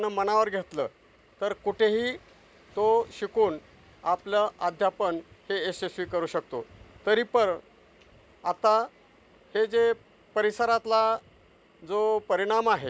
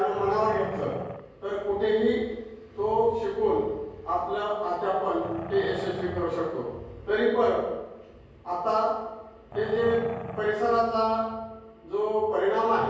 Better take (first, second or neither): first